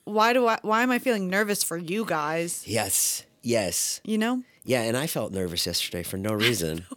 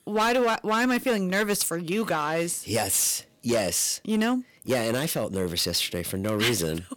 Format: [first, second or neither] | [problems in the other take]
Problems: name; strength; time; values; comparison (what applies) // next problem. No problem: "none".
first | distortion; slight; 8% of the sound clipped